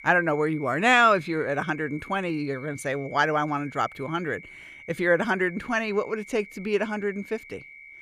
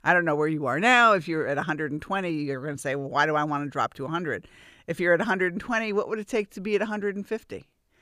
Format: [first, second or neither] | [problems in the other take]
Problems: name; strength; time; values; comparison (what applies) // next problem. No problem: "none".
second | high-pitched whine; noticeable; throughout; 2.5 kHz, 20 dB below the speech